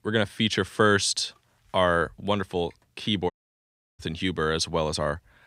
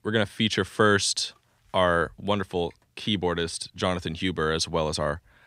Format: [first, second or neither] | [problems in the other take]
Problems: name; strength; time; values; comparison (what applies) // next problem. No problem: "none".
second | audio cutting out; at 3.5 s for 0.5 s